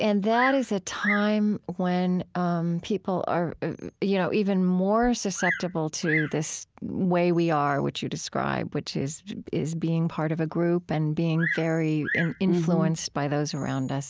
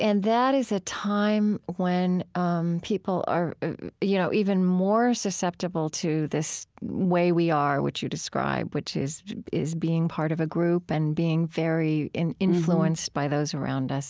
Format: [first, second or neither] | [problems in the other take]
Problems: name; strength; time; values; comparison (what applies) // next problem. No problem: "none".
second | background sound (Bird vocalization, bird call, bird song); 12 dB below the speech